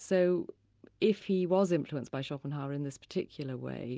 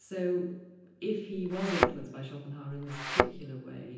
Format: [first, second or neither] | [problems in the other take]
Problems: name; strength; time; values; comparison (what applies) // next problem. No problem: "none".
first | background sound (Thump, thud); 5 dB above the speech // room echo; dies away in 0.9 s